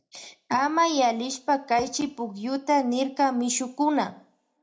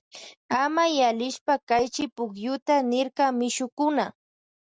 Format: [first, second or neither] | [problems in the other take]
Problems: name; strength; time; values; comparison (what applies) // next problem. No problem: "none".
second | room echo; dies away in 0.2 s